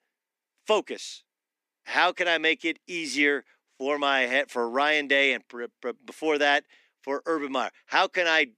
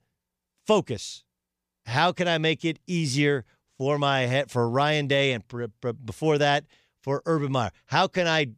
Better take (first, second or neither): second